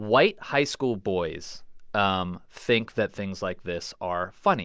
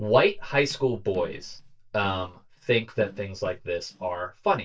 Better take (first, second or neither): first